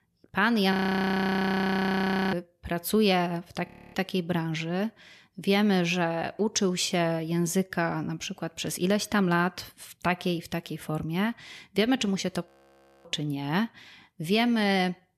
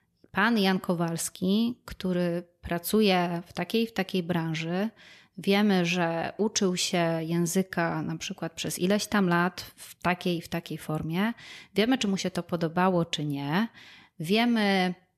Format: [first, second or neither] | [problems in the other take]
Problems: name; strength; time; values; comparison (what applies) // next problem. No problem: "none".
second | audio freezing; at 0.5 s for 1.5 s, at 3.5 s and at 12 s for 0.5 s